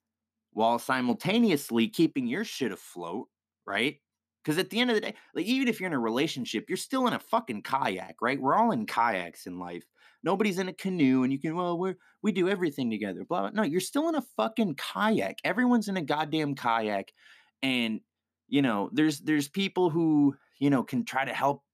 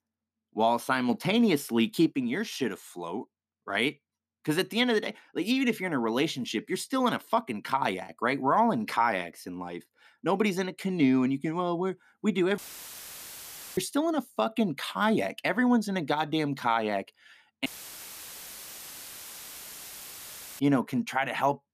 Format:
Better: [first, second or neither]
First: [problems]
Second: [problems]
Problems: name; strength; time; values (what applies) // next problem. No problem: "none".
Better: first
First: none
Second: audio cutting out; filled with static; at 13 s for 1 s and at 18 s for 3 s